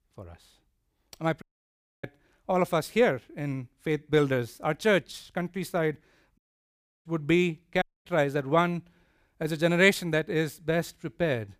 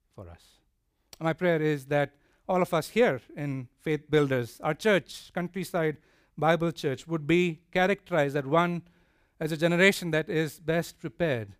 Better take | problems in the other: second | audio cutting out; at 1.5 s for 0.5 s, at 6.5 s for 0.5 s and at 8 s

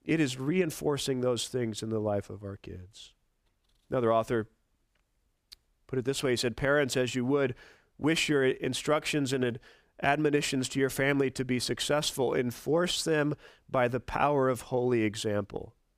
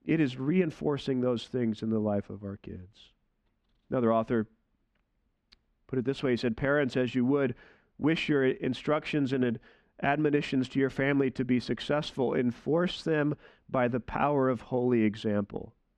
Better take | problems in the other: first | muffled; slightly; fading above 3 kHz

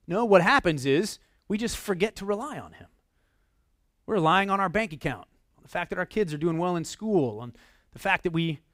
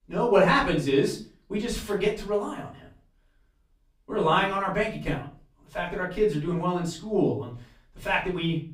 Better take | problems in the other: first | room echo; slight; dies away in 0.3 s // off-mic speech; far

